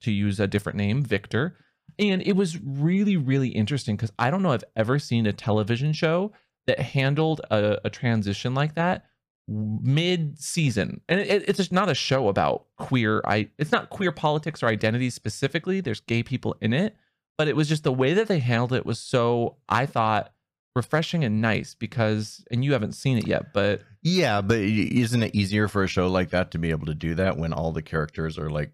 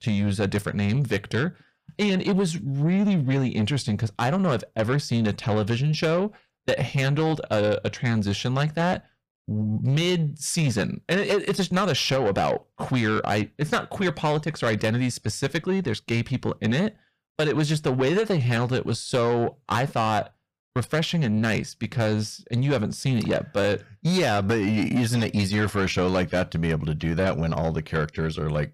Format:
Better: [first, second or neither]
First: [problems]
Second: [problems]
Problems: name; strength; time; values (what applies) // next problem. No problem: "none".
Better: first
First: none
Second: distortion; slight; 10 dB below the speech